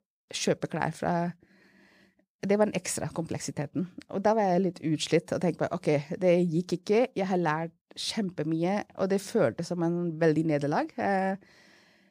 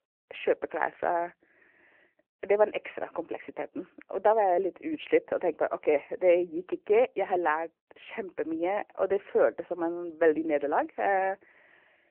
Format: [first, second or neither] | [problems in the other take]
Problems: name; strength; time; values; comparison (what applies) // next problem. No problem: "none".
first | phone-call audio